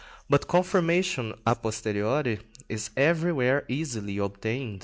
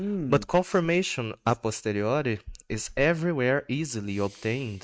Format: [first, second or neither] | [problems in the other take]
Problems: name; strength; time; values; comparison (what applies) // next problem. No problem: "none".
first | noise reduction (neural mask model RNNoise)